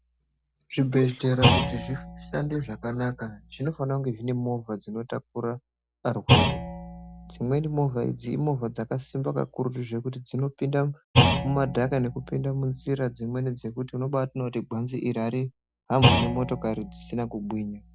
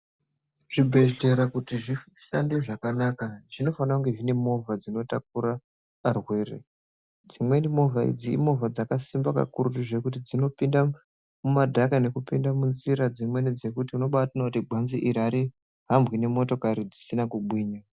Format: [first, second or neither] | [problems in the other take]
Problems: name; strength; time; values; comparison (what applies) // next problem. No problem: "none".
second | background sound (Thump, thud); 1 dB below the speech